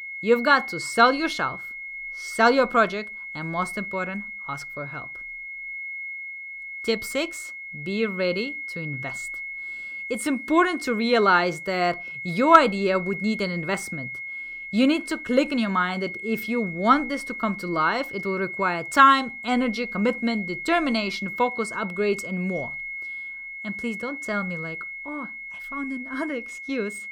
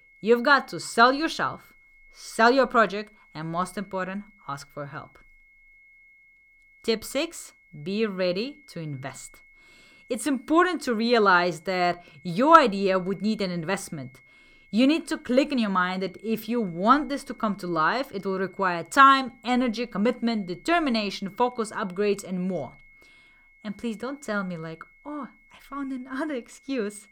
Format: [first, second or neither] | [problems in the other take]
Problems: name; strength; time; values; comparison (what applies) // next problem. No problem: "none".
second | high-pitched whine; loud; throughout; 2 kHz, 9 dB below the speech; faint in the second